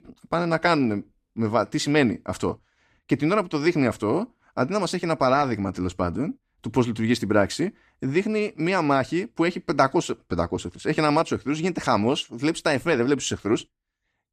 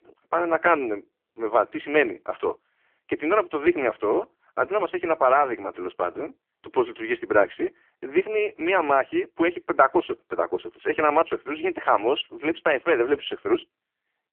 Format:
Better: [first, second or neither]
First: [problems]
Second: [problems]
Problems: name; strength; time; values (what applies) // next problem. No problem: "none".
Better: first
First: none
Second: phone-call audio; poor line; nothing above 3 kHz